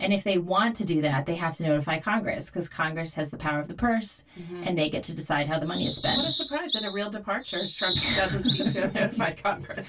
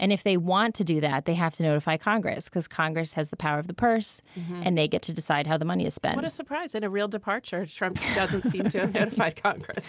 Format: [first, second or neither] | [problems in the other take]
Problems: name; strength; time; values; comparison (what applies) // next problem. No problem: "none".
second | background sound (Bird vocalization, bird call, bird song); 4 dB below the speech // room echo; dies away in 0.1 s